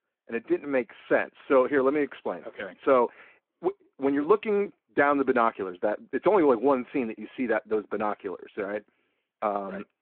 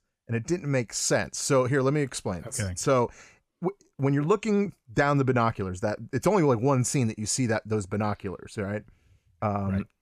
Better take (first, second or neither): second